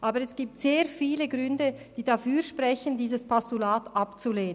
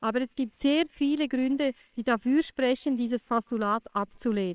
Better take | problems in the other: first | noise reduction (neural separator model SepFormer WHAMR!)

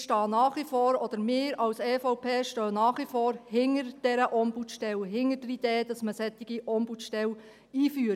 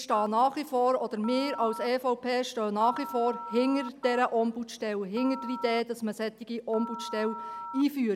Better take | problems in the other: first | background sound (Telephone); 13 dB below the speech

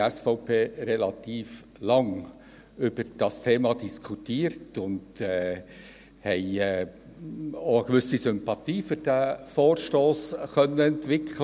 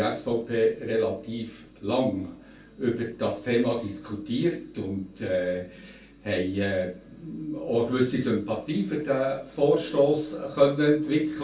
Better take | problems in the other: first | room echo; dies away in 0.2 s

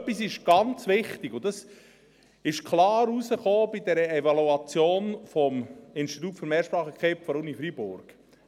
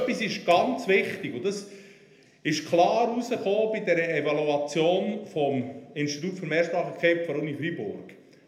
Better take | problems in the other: first | room echo; dies away in 0.7 s

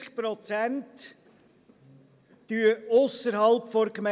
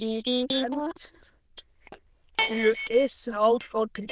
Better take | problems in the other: first | noise reduction (neural diffusion model UNIVERSE++)

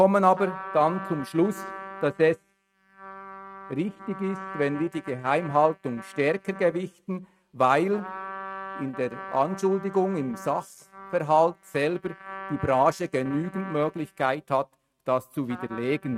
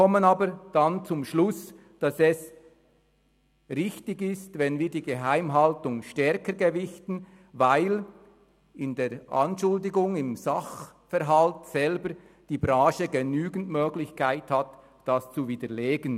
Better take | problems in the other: second | noise reduction (neural mask model RNNoise)

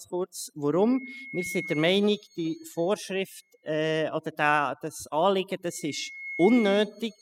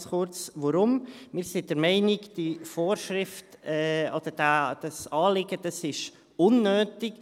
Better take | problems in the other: second | noise reduction (classical method spectral subtraction)

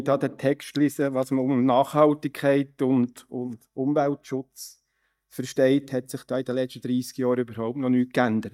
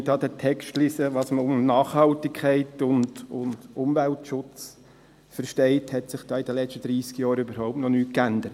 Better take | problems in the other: second | noise reduction (neural mask model DeepFilterNet 3)

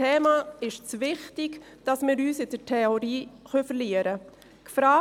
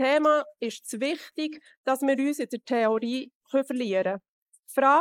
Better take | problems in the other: first | noise reduction (neural mask model Resemble Enhance denoiser)

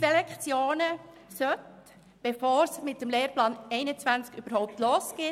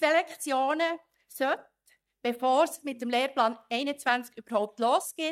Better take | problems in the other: first | noise reduction (neural mask model DeepFilterNet 3)

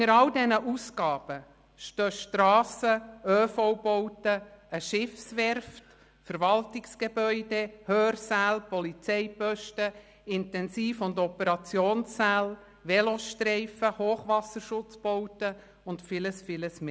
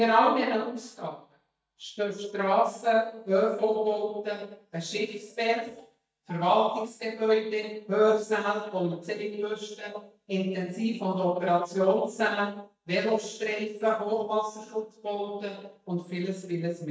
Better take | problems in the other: first | noise reduction (neural mask model DeepFilterNet 3)

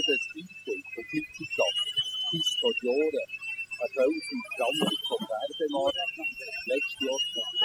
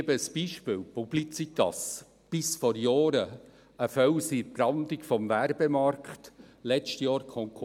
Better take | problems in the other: second | noise reduction (classical method spectral subtraction)

